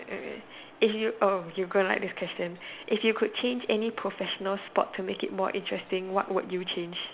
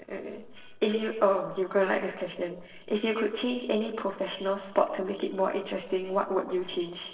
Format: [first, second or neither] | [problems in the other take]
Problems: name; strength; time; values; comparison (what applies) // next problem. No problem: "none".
first | noise reduction (neural separator model SepFormer DNS4)